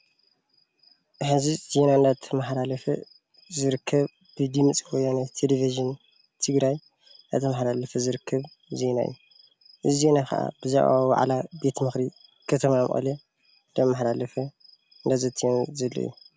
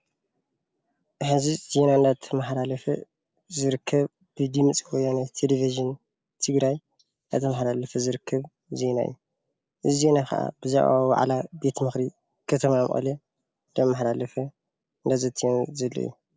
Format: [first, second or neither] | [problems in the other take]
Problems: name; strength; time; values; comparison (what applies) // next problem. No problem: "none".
first | noise reduction (neural mask model Resemble Enhance denoiser)